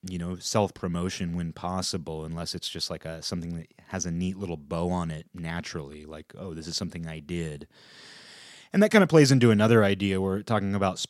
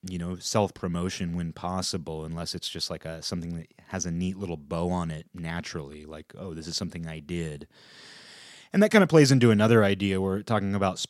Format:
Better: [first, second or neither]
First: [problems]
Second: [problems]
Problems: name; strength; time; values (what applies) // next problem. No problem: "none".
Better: neither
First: none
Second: none